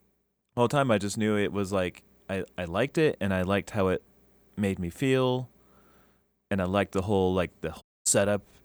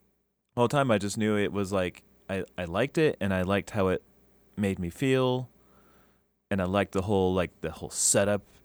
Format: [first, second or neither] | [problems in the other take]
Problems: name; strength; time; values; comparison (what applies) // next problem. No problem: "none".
second | audio cutting out; at 8 s